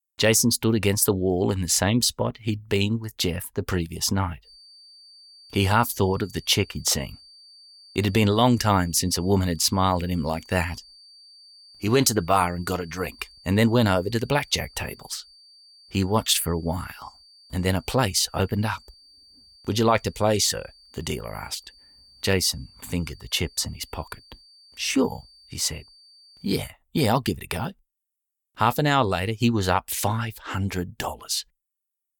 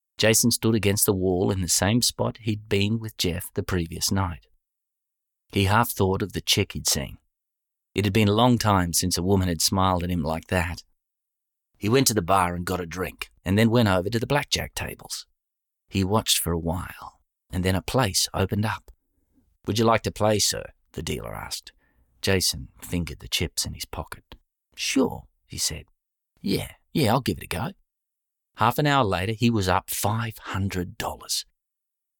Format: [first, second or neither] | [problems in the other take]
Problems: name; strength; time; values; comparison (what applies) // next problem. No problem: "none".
second | high-pitched whine; faint; from 4.5 to 27 s; 4.5 kHz, 25 dB below the speech